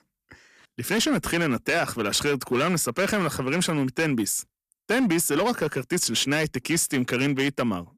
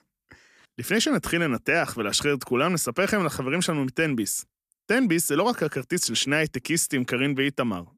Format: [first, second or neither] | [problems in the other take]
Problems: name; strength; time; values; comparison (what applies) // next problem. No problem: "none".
second | distortion; slight; 8% of the sound clipped